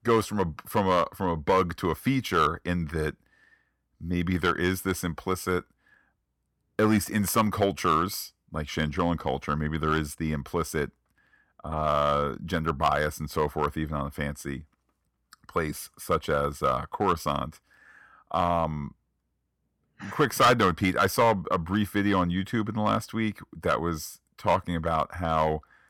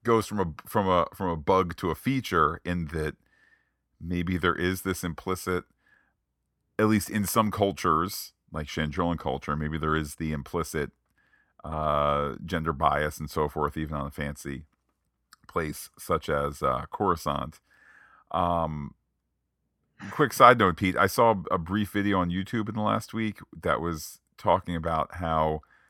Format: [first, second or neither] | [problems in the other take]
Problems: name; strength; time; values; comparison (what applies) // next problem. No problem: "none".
second | distortion; slight; 1.5% of the sound clipped